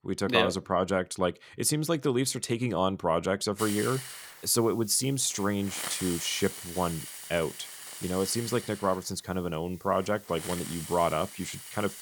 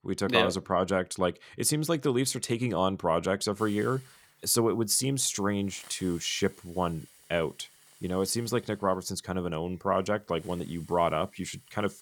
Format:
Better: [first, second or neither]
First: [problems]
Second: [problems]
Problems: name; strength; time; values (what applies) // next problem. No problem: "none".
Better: second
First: hiss; loud; from 3.5 s on; 10 dB below the speech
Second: hiss; faint; from 3.5 s on; 25 dB below the speech